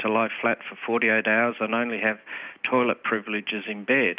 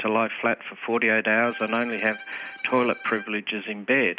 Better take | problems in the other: first | background sound (Bowed string instrument); 17 dB below the speech

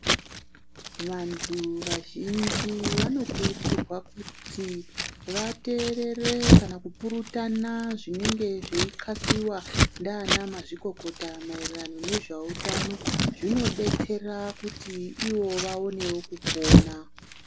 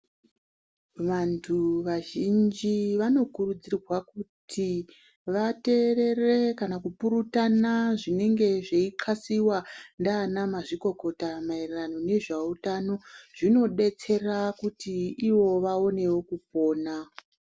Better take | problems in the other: second | background sound (Scissors); 4 dB above the speech

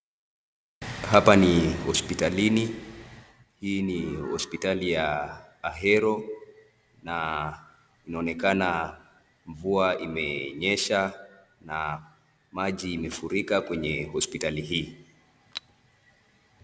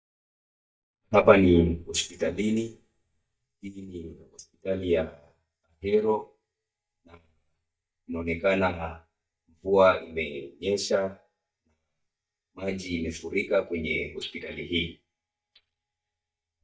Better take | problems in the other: first | noise reduction (neural mask model DeepFilterNet 3)

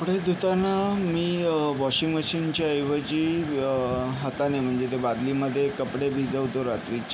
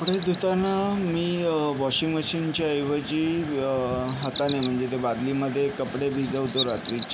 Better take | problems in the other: first | background sound (Bird vocalization, bird call, bird song); 15 dB below the speech

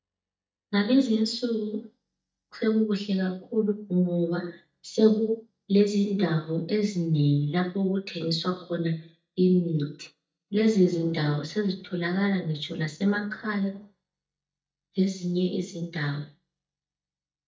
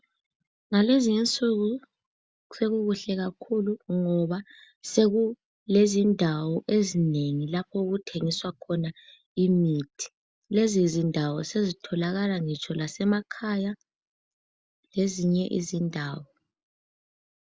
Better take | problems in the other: second | noise reduction (neural mask model DeepFilterNet 3)

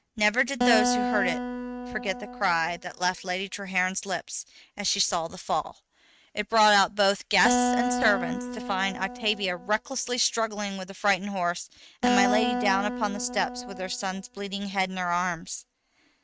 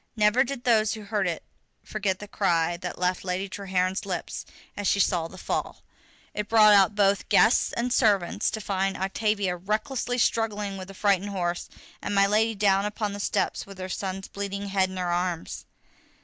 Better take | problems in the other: second | noise reduction (neural mask model RNNoise)

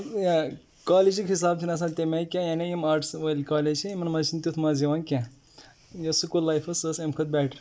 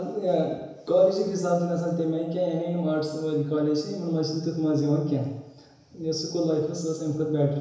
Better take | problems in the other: first | room echo; dies away in 1 s

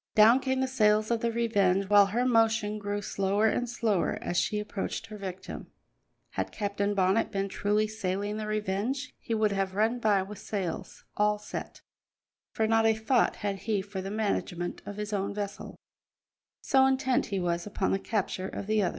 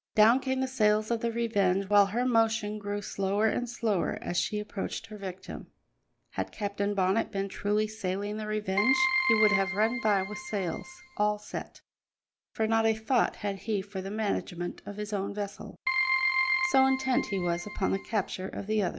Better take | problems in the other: first | background sound (Keyboard (musical)); 2 dB below the speech

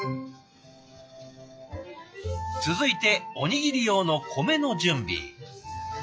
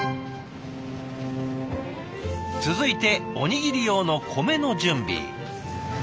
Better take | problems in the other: second | noise reduction (classical method log-MMSE)

